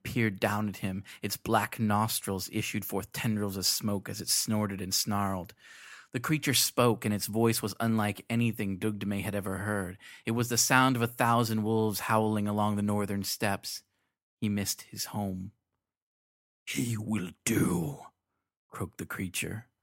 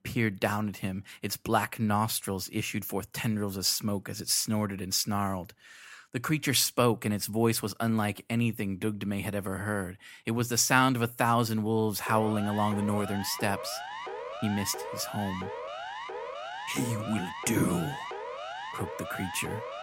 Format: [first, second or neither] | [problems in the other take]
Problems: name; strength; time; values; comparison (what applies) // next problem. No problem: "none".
first | siren; noticeable; from 12 s on; peak 8 dB below the speech